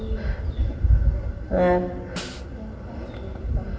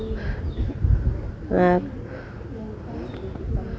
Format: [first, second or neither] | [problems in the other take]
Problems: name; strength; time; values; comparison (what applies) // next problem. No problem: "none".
second | background sound (Snare drum); 17 dB below the speech // room echo; dies away in 1.8 s